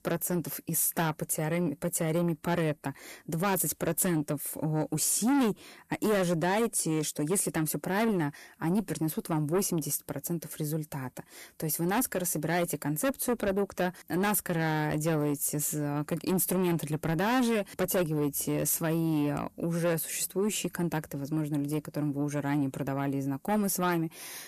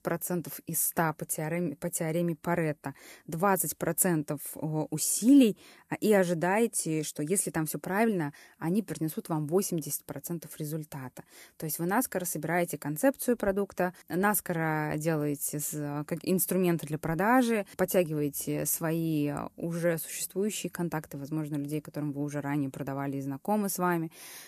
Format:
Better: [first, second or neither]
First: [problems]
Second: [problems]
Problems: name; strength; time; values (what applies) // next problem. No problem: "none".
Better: second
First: distortion; heavy; 8 dB below the speech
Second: none